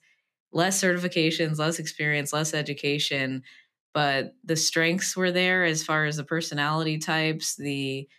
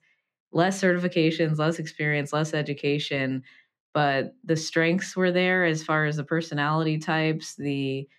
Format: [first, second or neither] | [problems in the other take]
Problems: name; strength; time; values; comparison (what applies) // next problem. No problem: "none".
first | muffled; slightly; fading above 1.5 kHz